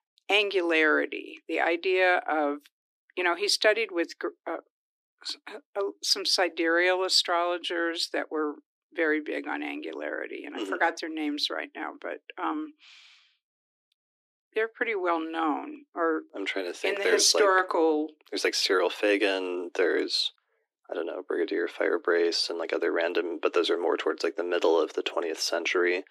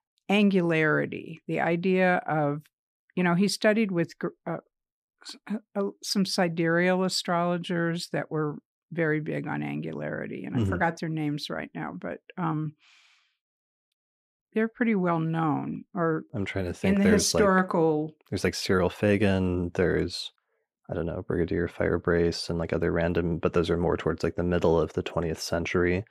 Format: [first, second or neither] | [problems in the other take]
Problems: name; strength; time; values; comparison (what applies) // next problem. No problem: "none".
second | thin; very; fading below 300 Hz